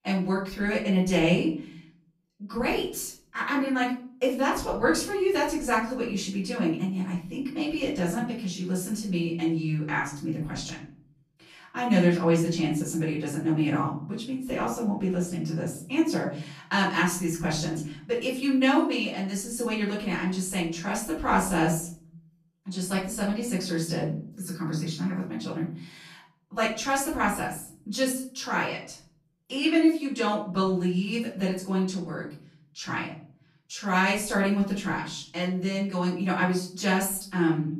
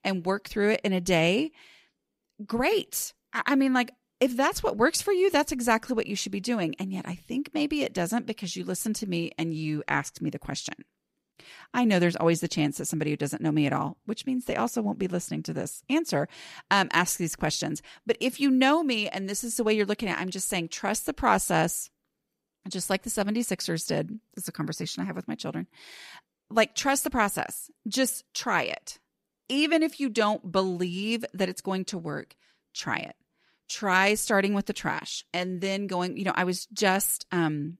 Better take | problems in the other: second | off-mic speech; far // room echo; noticeable; dies away in 0.5 s

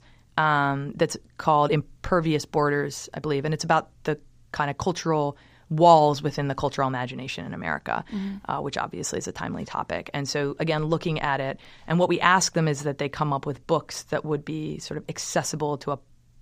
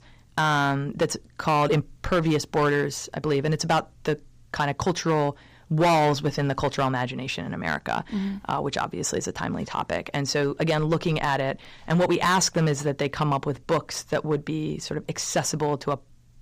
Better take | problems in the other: first | distortion; heavy; 5% of the sound clipped

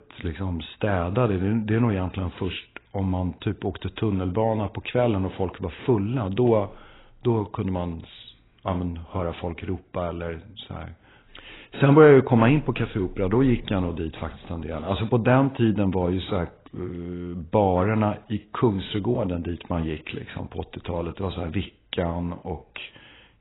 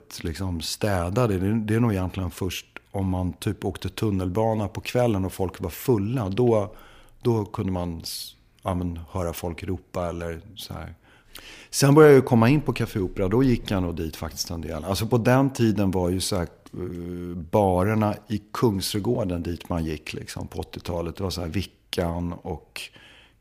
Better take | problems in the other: second | garbled, watery; badly; nothing above 4 kHz

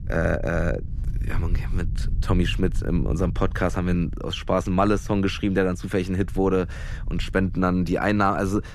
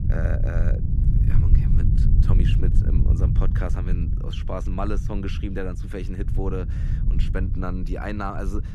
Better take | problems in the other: first | low rumble; loud; throughout; 5 dB below the speech; faint in the first

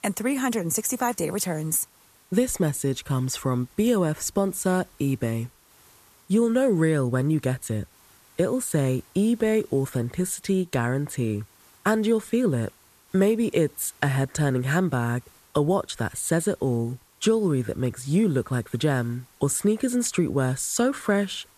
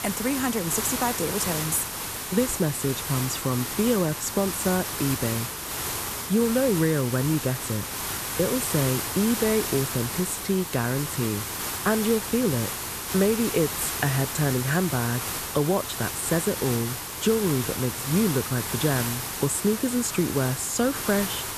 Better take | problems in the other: first | hiss; loud; throughout; 3 dB below the speech; faint in the first

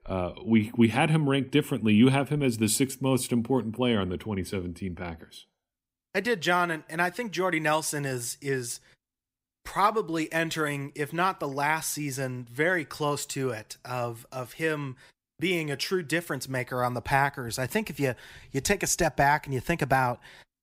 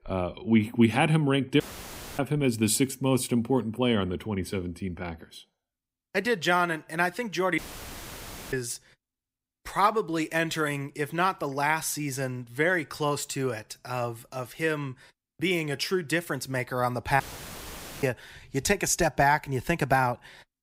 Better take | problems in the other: first | audio cutting out; filled with static; at 1.5 s for 0.5 s, at 7.5 s for 1 s and at 17 s for 1 s

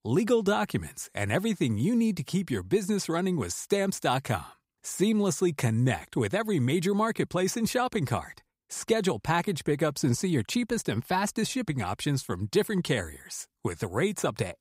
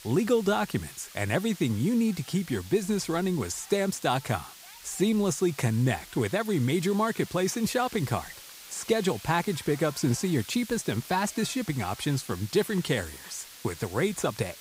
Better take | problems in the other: first | hiss; noticeable; throughout; 15 dB below the speech

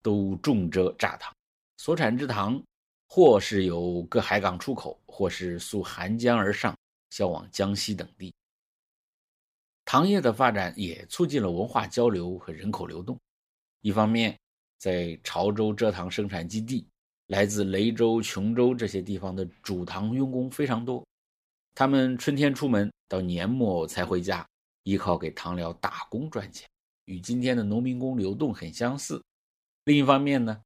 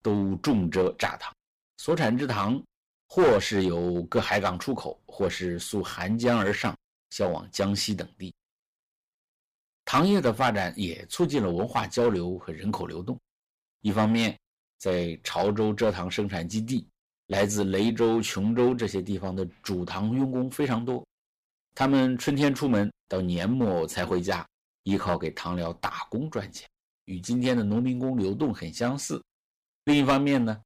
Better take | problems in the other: first | distortion; slight; 4% of the sound clipped

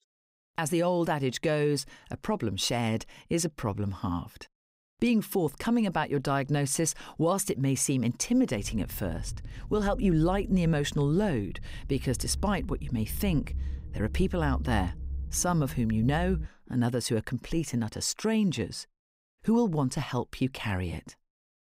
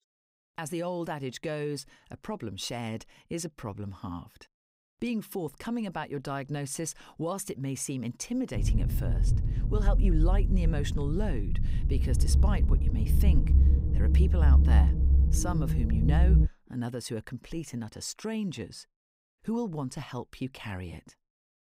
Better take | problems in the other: first | low rumble; loud; from 8.5 to 16 s; 5 dB below the speech; faint in the first

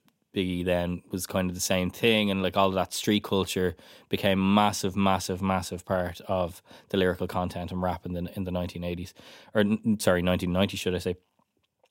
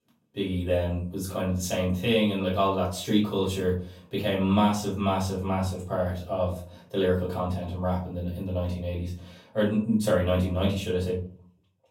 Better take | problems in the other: first | off-mic speech; far // room echo; slight; dies away in 0.4 s

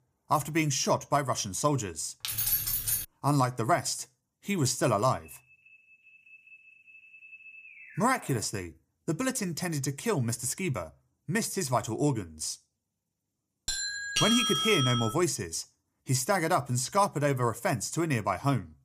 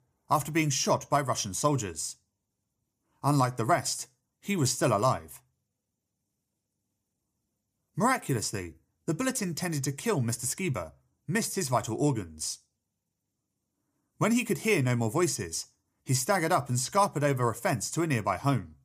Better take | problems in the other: second | jangling keys; loud; at 2 s; peak 3 dB above the speech // alarm; faint; from 5 to 8.5 s; peak 20 dB below the speech // doorbell; loud; from 14 to 15 s; peak 4 dB above the speech

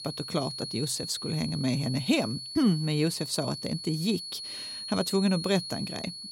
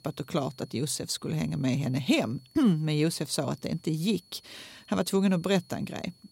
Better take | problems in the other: second | high-pitched whine; loud; throughout; 4.5 kHz, 7 dB below the speech; faint in the second

